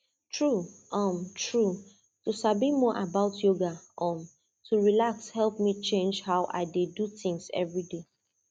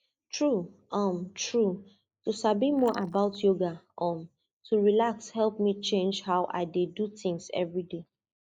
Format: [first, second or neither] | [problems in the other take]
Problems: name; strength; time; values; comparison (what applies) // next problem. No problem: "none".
first | noise reduction (neural mask model Resemble Enhance denoiser)